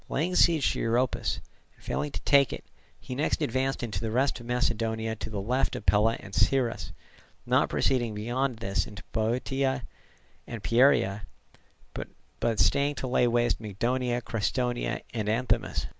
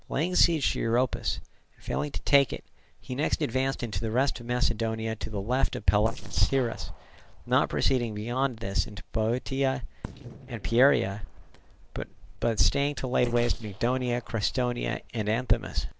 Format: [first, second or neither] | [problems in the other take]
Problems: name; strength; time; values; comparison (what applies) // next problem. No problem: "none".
first | noise reduction (neural separator model SepFormer DNS4)